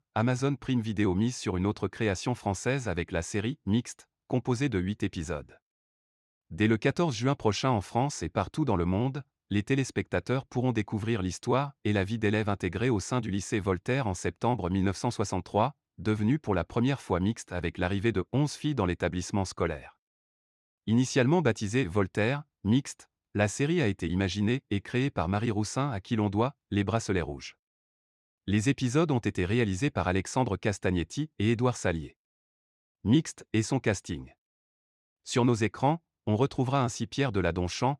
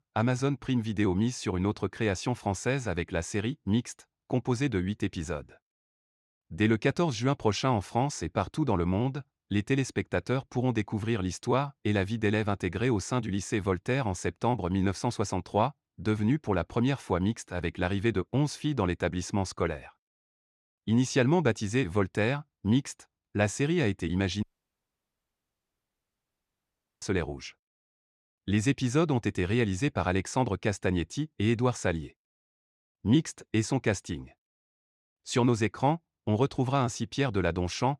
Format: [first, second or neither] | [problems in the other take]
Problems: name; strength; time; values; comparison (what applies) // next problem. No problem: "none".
first | audio cutting out; at 24 s for 2.5 s